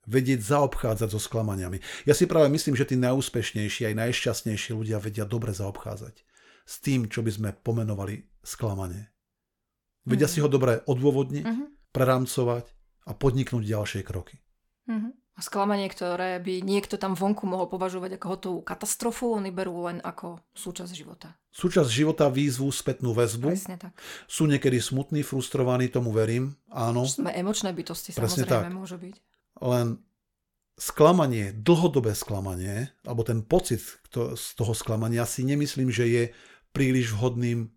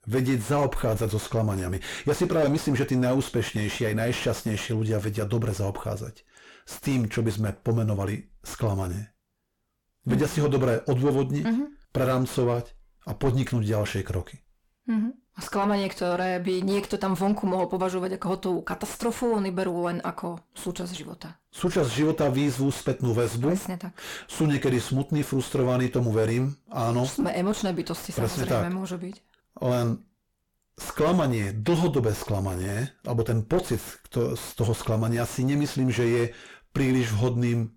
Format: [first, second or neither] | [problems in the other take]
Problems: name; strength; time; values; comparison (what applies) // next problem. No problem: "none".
first | distortion; heavy; 6 dB below the speech